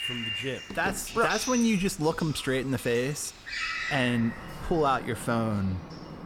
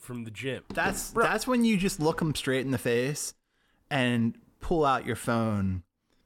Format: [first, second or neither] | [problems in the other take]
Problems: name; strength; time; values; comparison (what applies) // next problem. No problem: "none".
second | animal sounds; loud; throughout; 8 dB below the speech